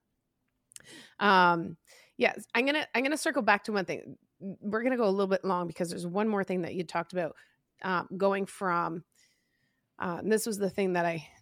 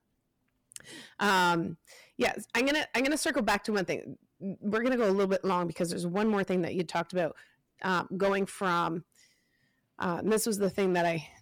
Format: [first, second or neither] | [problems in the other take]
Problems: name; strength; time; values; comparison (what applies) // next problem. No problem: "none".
first | distortion; heavy; 7% of the sound clipped